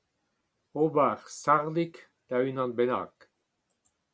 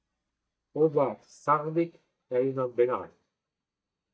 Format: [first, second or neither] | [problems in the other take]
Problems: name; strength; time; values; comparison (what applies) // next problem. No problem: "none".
first | noise reduction (neural mask model DeepFilterNet 3)